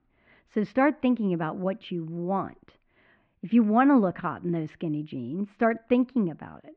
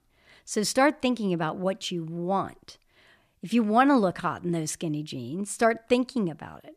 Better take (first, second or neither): second